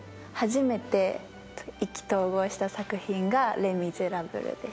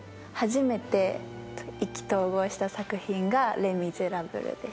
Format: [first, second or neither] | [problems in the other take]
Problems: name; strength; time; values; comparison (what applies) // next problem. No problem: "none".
first | background sound (Bowed string instrument); 17 dB below the speech